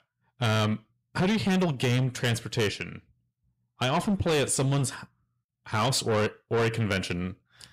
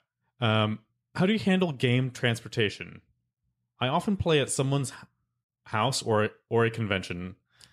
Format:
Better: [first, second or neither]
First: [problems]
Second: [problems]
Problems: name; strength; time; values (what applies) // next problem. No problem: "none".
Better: second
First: distortion; heavy; 7 dB below the speech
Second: none